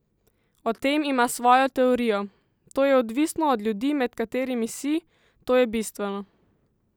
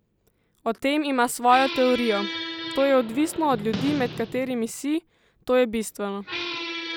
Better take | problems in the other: first | background sound (Squeak); 10 dB below the speech

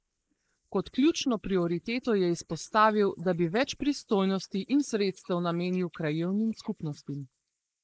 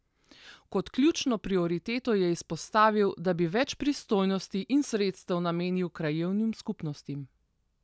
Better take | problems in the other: second | noise reduction (neural mask model Resemble Enhance denoiser)

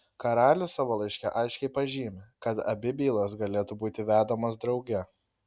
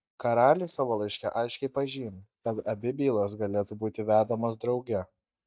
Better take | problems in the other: first | noise reduction (neural mask model DeepFilterNet 3)

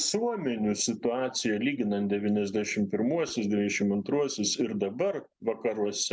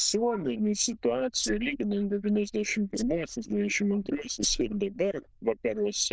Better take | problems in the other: first | noise reduction (neural diffusion model UNIVERSE++)

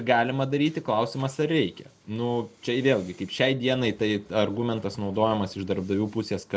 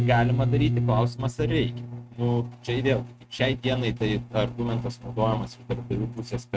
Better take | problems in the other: first | noise reduction (neural mask model RNNoise)

